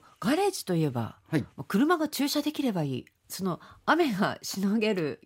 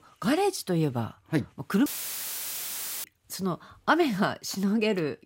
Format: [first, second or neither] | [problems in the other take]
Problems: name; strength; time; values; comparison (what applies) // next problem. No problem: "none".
first | audio cutting out; filled with static; at 2 s for 1 s